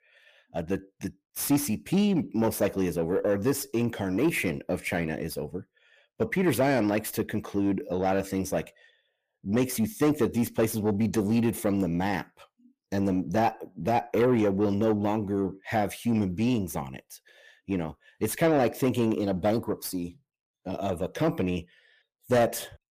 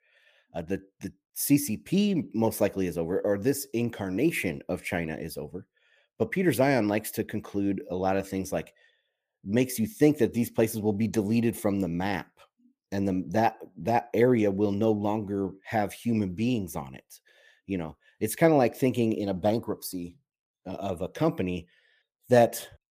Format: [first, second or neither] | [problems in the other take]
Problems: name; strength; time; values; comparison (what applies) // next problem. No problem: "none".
second | distortion; slight; 10 dB below the speech